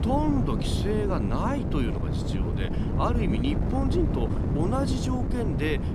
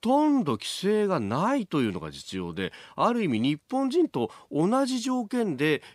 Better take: second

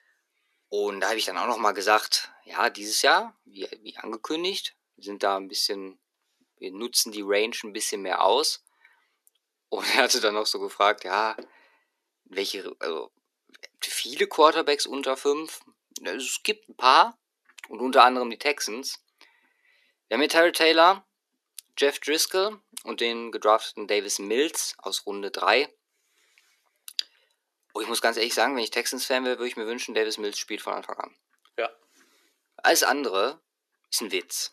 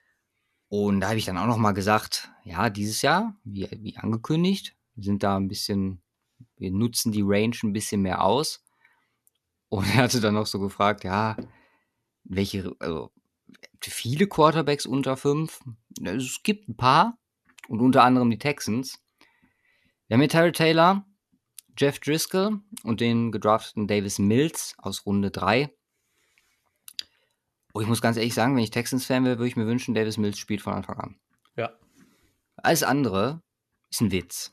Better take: second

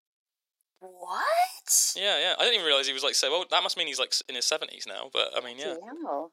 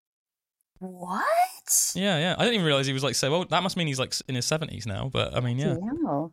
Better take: second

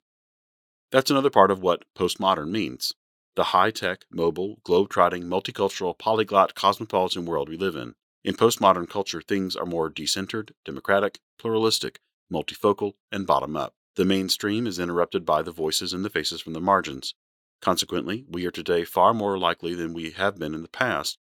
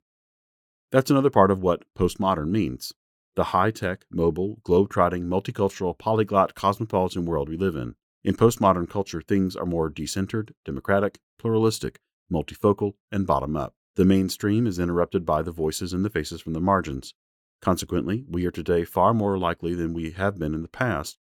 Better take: second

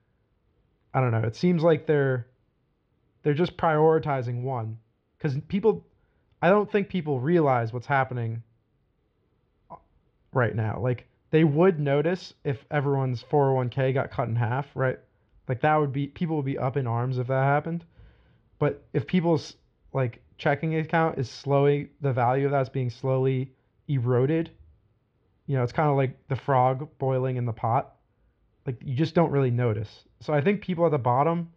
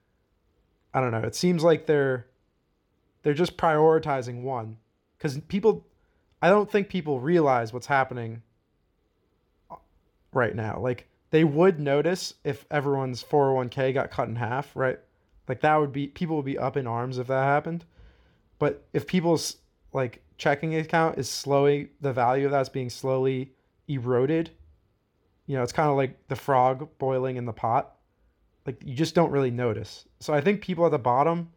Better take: second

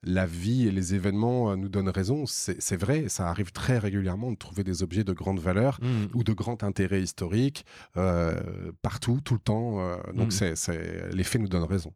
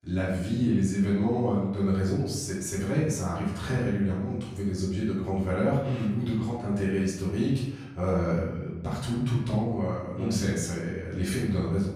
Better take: first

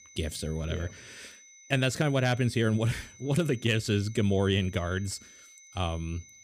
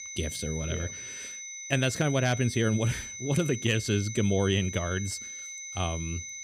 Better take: first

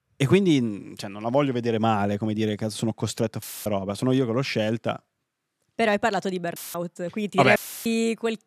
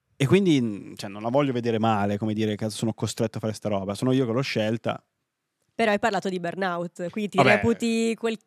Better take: second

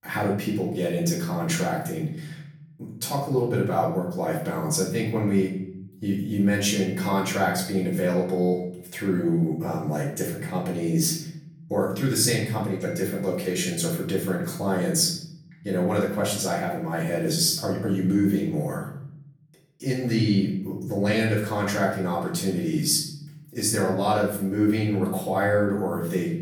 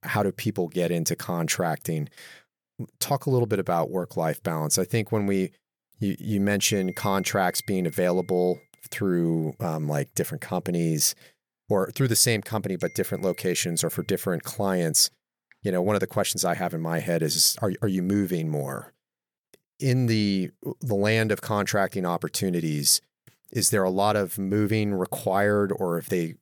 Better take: second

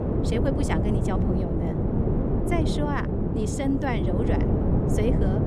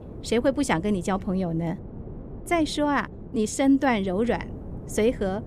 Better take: second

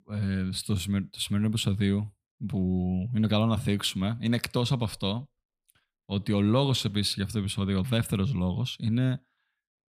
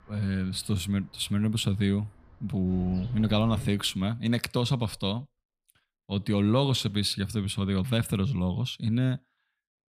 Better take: first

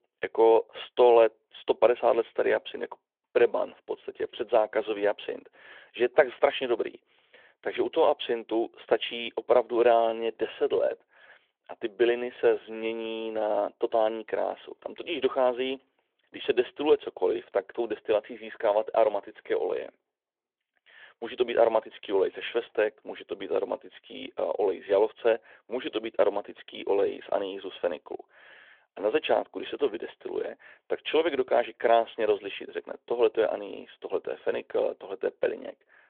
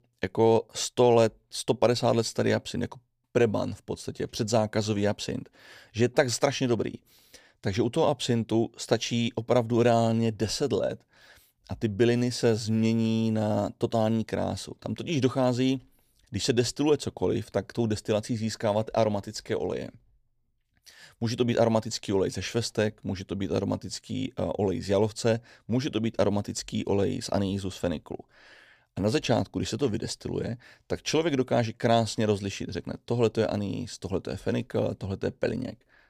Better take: second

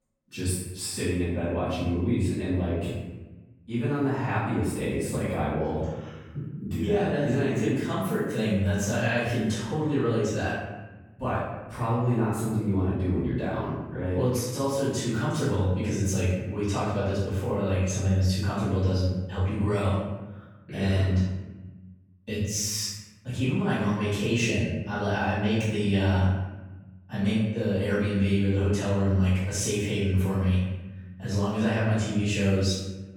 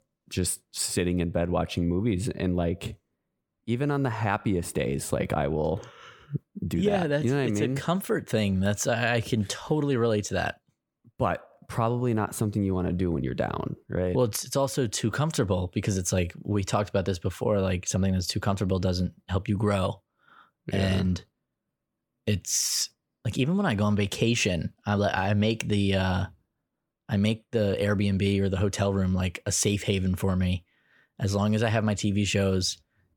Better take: second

